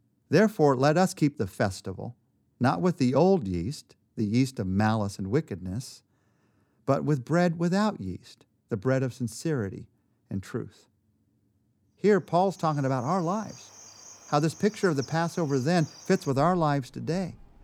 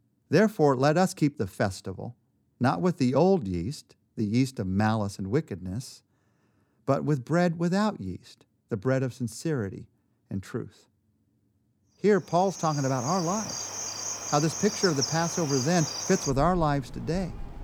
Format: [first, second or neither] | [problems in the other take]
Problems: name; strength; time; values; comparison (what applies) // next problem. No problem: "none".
first | animal sounds; loud; from 13 s on; 5 dB below the speech; faint in the first